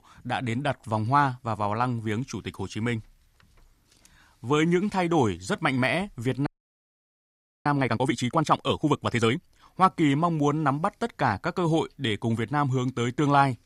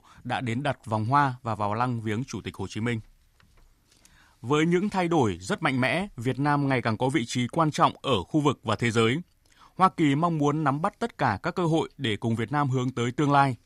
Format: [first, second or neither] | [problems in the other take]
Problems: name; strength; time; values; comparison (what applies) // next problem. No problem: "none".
second | audio freezing; at 6.5 s for 1 s